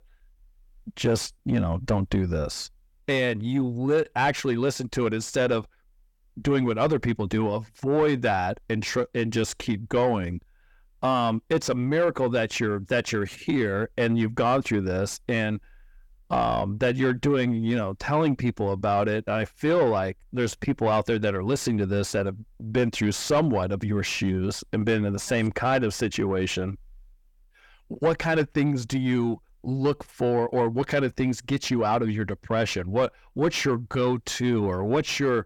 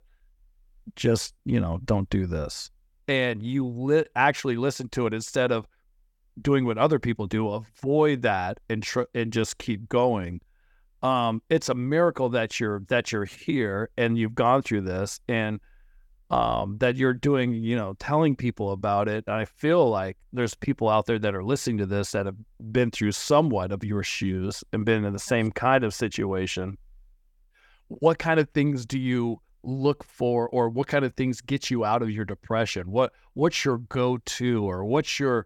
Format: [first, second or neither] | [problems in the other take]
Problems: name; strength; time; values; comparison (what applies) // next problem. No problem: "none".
second | distortion; slight; 10 dB below the speech